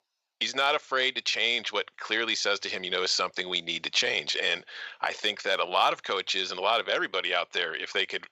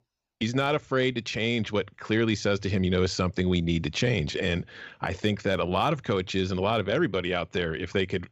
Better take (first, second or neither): second